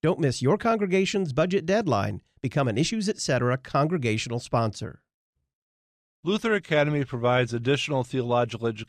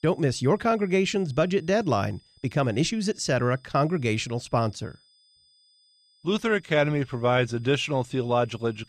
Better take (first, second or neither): first